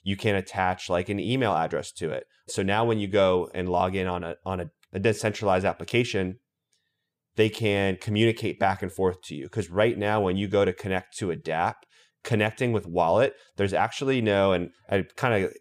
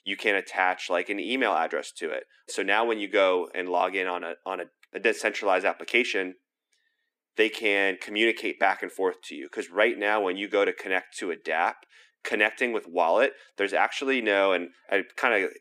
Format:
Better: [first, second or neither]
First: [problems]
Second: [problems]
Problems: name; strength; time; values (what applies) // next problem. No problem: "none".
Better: first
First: none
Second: thin; somewhat; fading below 250 Hz